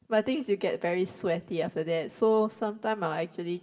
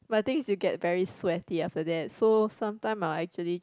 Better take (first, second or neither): second